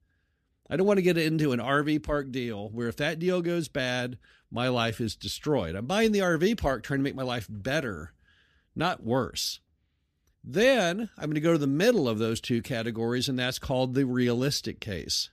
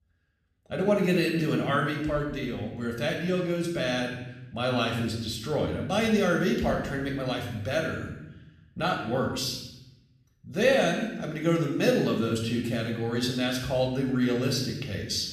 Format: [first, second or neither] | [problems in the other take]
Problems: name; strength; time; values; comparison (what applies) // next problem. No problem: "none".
first | room echo; noticeable; dies away in 0.9 s // off-mic speech; somewhat distant